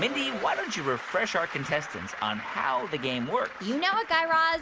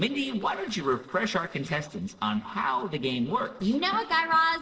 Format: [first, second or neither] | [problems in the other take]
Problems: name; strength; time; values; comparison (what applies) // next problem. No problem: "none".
first | noise reduction (neural separator model SepFormer DNS4)